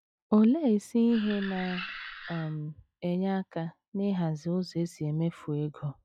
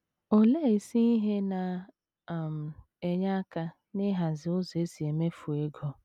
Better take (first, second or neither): second